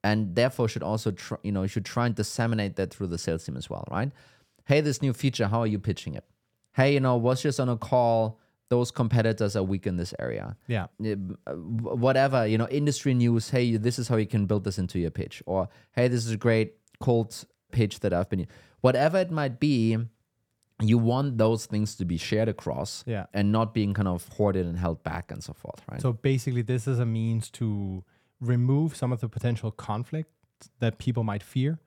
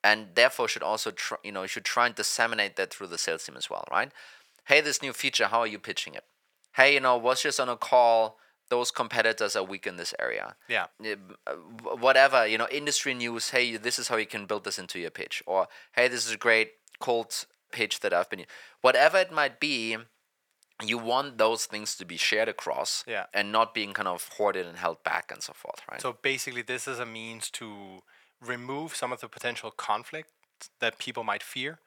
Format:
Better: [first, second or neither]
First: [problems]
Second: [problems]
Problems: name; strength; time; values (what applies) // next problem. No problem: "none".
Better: first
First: none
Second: thin; very; fading below 750 Hz